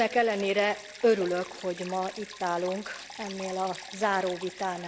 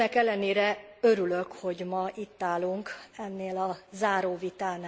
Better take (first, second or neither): second